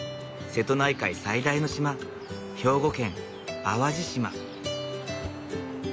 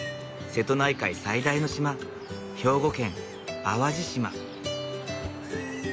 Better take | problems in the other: first | background sound (Livestock, farm animals, working animals); 20 dB below the speech

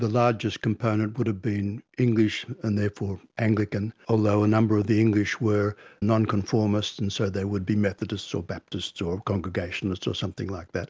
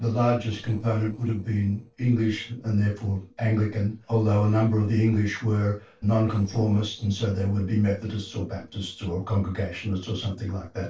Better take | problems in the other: first | noise reduction (neural separator model SepFormer DNS4)

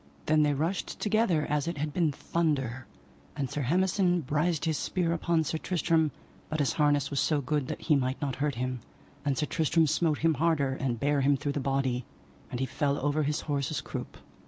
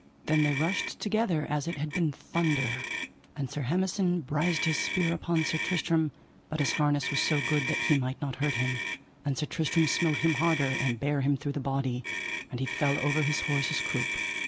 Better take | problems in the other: first | background sound (Motor vehicle (road)); 6 dB below the speech

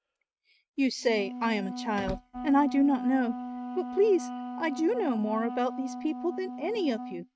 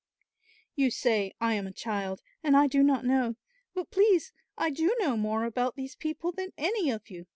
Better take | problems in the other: second | noise reduction (neural mask model RNNoise)

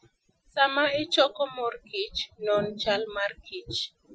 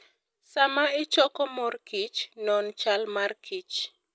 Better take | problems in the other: second | noise reduction (classical method Wiener filter)

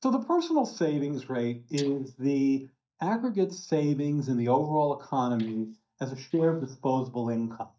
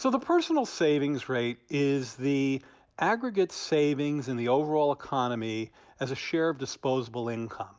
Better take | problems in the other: second | noise reduction (neural mask model DeepFilterNet 3)

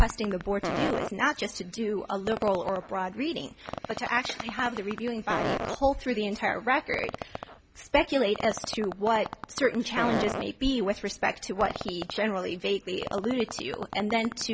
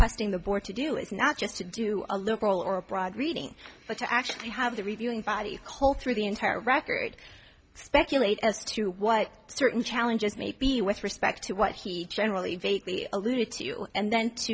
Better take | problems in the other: second | background sound (Fart); 9 dB below the speech

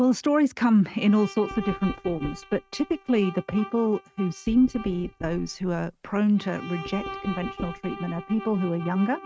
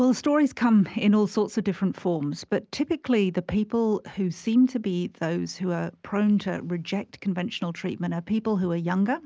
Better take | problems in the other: second | noise reduction (neural mask model RNNoise)

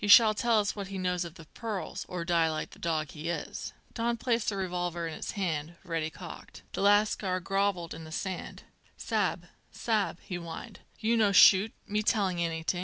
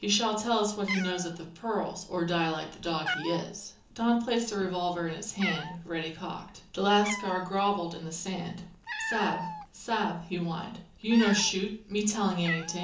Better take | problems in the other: first | background sound (Cat); 11 dB below the speech // room echo; dies away in 0.8 s

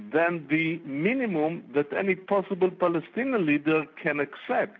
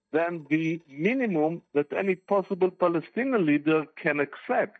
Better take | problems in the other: first | noise reduction (neural mask model DeepFilterNet 3)

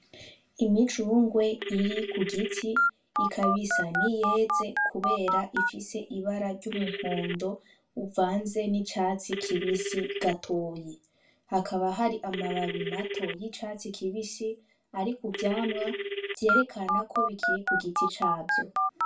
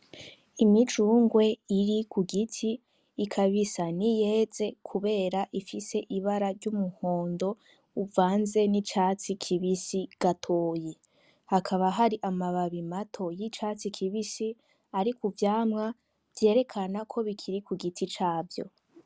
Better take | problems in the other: second | background sound (Telephone); 2 dB below the speech // room echo; dies away in 0.2 s

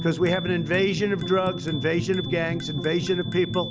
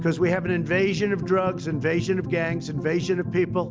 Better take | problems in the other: second | background sound (Bicycle bell); 14 dB below the speech

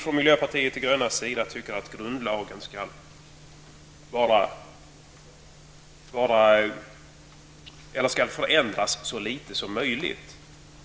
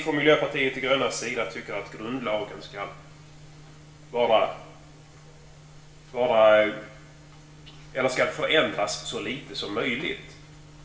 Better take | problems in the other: first | room echo; dies away in 0.5 s

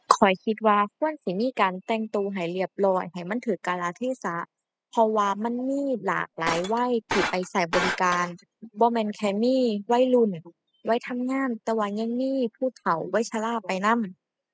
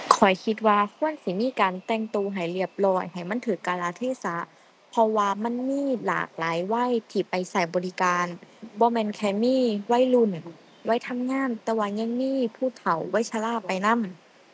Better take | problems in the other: second | noise reduction (classical method spectral subtraction)

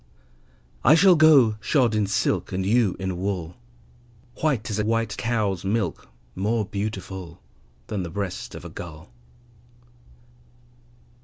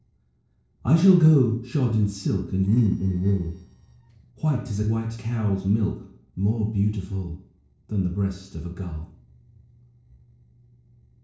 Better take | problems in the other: first | noise reduction (neural separator model SepFormer DNS4)

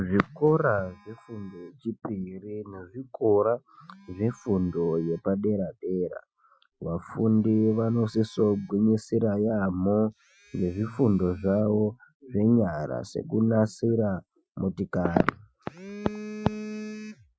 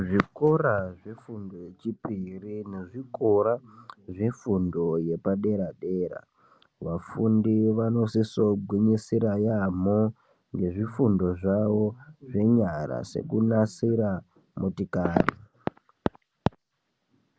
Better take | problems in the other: second | noise reduction (classical method Wiener filter)

